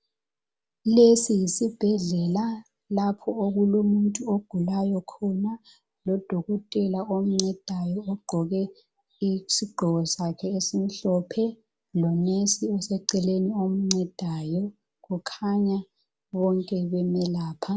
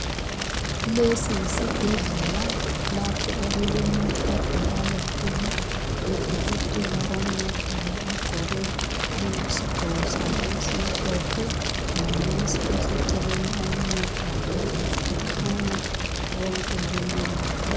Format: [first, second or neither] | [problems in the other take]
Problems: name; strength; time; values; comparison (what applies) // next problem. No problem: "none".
first | background sound (Fire); 5 dB above the speech